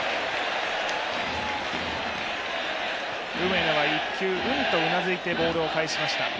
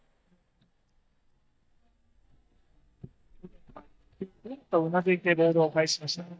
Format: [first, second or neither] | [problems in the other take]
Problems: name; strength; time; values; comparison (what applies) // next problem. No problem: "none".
first | noise reduction (neural mask model DeepFilterNet 3)